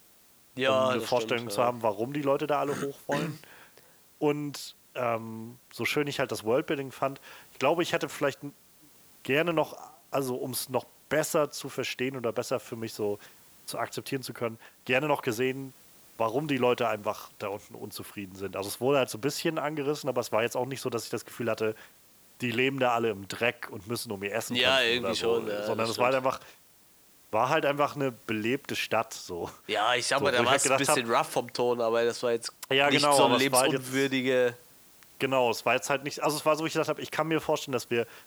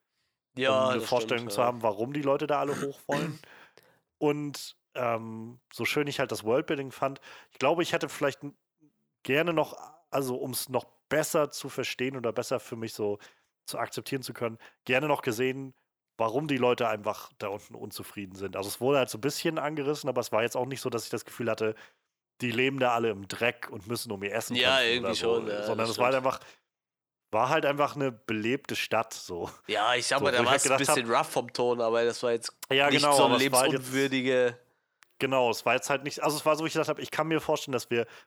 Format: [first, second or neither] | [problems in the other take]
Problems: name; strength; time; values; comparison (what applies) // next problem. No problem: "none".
second | hiss; faint; throughout; 25 dB below the speech